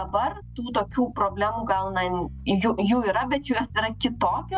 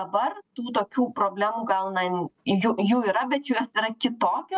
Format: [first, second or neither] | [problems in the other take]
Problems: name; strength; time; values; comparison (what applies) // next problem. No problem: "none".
second | background sound (Bass guitar); 15 dB below the speech